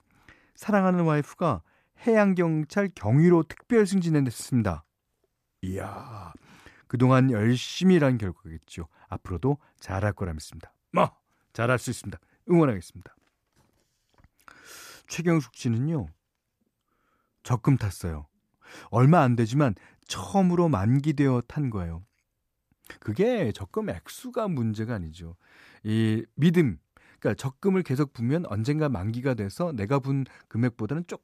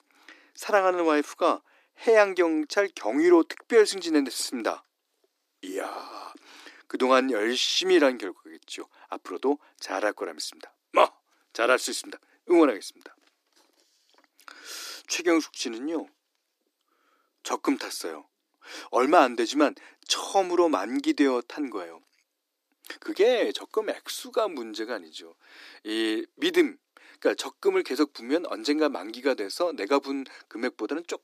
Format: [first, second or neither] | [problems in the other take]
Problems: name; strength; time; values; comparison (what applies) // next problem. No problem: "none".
first | thin; somewhat; fading below 300 Hz